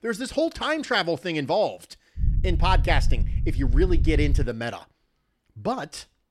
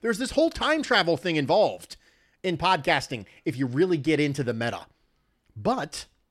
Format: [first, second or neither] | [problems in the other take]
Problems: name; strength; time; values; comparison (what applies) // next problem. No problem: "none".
second | low rumble; noticeable; from 2 to 4.5 s; 20 dB below the speech